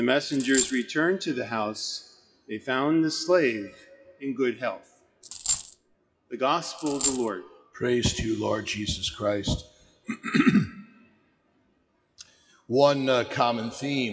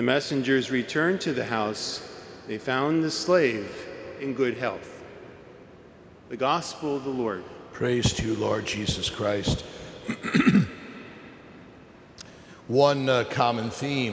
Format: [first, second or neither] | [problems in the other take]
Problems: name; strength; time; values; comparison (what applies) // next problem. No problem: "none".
second | noise reduction (classical method WPE with log-MMSE)